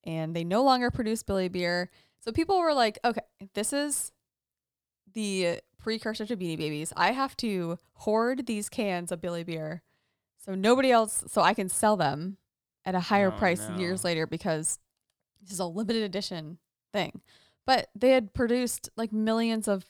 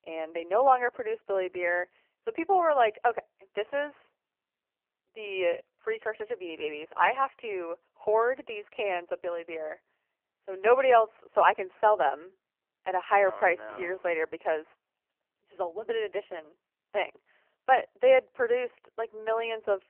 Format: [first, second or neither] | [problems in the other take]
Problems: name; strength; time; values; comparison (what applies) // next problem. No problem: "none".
first | phone-call audio; poor line; nothing above 3 kHz